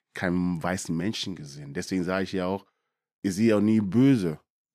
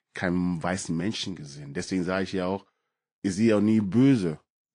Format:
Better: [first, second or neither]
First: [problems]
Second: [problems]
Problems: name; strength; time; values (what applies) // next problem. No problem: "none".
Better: first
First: none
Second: garbled, watery; slightly; nothing above 10 kHz